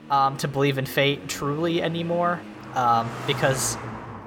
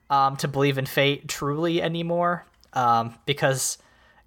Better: second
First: traffic noise; noticeable; throughout; 10 dB below the speech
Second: none

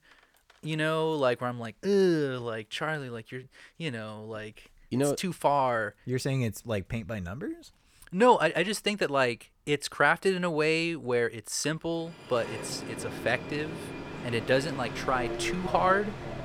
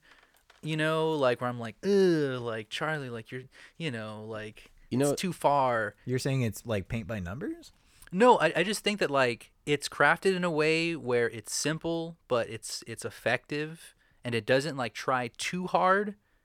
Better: second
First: train or aircraft noise; loud; from 12 s on; 9 dB below the speech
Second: none

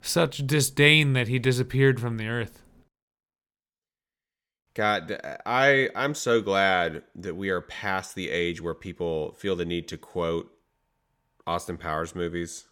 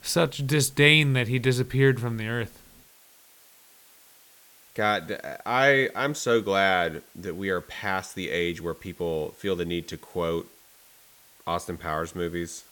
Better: first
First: none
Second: hiss; faint; throughout; 25 dB below the speech

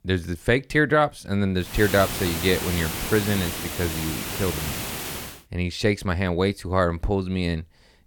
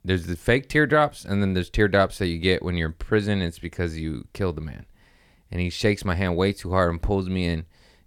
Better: second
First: hiss; loud; from 1.5 to 5.5 s; 5 dB below the speech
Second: none

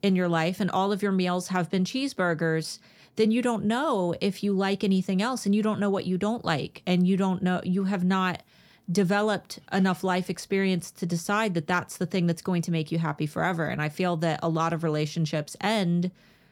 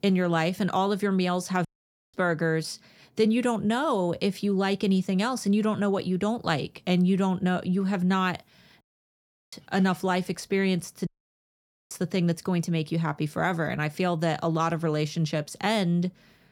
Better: first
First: none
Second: audio cutting out; at 1.5 s, at 9 s for 0.5 s and at 11 s for 1 s

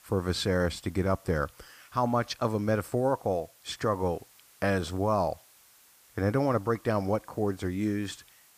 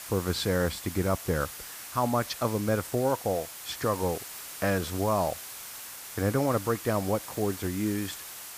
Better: first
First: hiss; faint; throughout; 25 dB below the speech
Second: hiss; loud; throughout; 10 dB below the speech

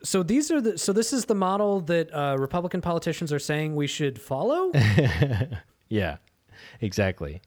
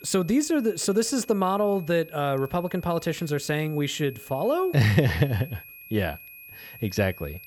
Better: first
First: none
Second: high-pitched whine; noticeable; throughout; 2.5 kHz, 20 dB below the speech

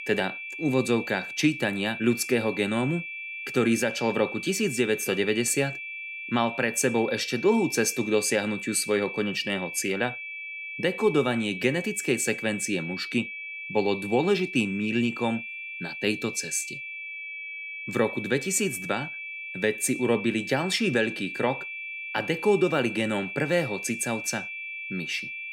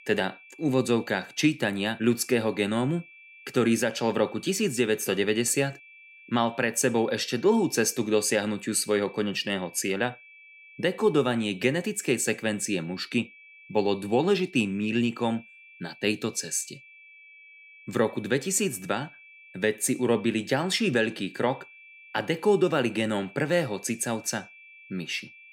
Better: second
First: high-pitched whine; loud; throughout; 2.5 kHz, 8 dB below the speech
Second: high-pitched whine; faint; throughout; 2.5 kHz, 20 dB below the speech

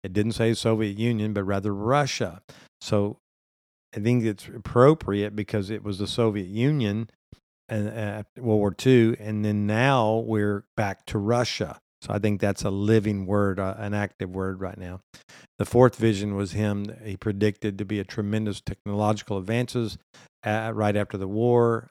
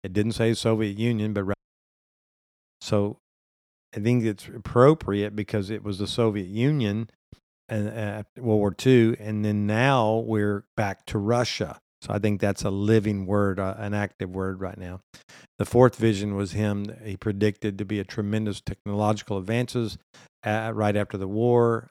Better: first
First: none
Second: audio cutting out; at 1.5 s for 1 s

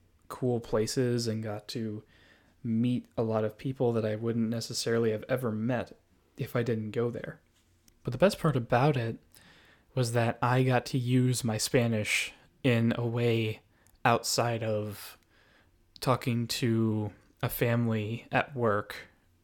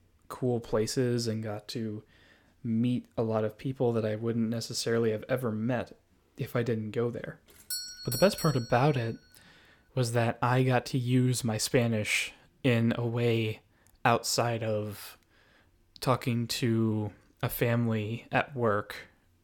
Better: first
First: none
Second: doorbell; noticeable; from 7.5 to 8.5 s; peak 5 dB below the speech

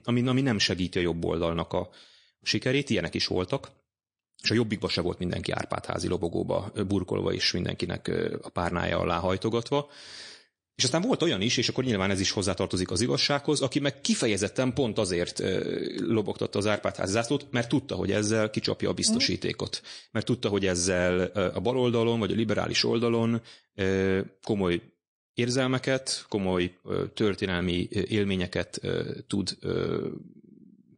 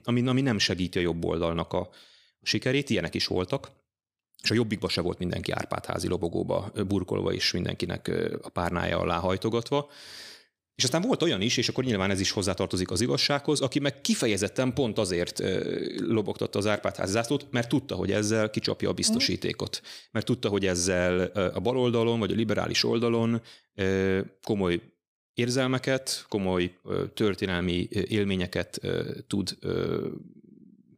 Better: second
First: garbled, watery; slightly; nothing above 9 kHz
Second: none

